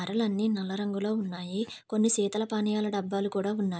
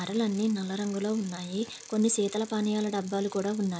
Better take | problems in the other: first | background sound (Bicycle); 20 dB below the speech

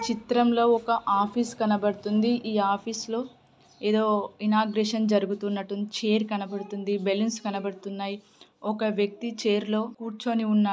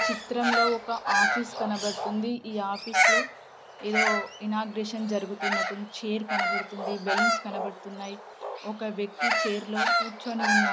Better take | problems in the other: first | background sound (Bird vocalization, bird call, bird song); 3 dB above the speech

